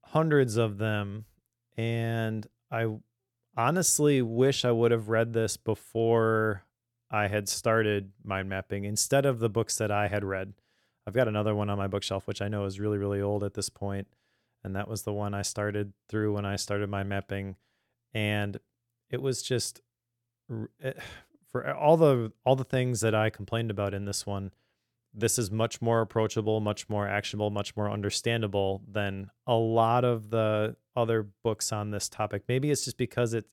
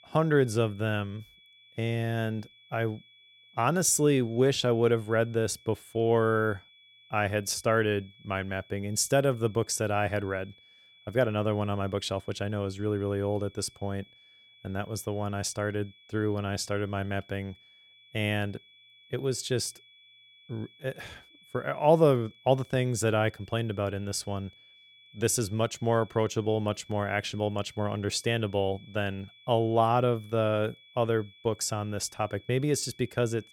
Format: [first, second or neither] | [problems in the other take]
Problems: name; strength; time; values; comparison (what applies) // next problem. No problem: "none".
first | high-pitched whine; faint; throughout; 3.5 kHz, 25 dB below the speech